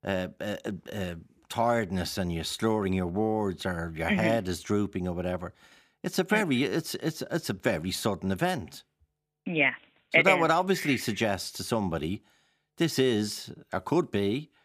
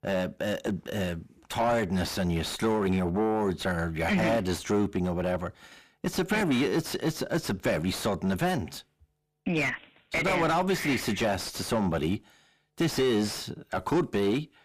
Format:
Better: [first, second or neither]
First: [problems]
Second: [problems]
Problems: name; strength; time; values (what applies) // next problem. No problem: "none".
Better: first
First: none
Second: distortion; heavy; 5 dB below the speech